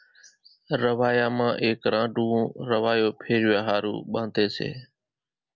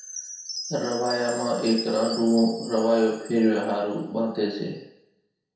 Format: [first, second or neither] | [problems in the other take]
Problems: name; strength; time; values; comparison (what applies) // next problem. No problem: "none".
first | background sound (Chime); 14 dB below the speech // room echo; dies away in 0.7 s